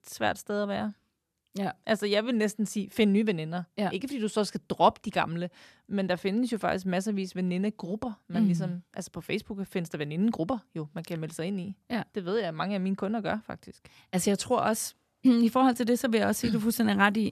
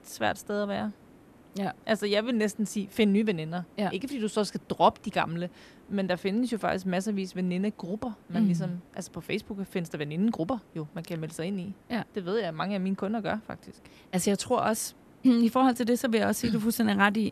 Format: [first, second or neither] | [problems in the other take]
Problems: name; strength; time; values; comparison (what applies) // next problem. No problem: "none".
first | hiss; faint; throughout; 25 dB below the speech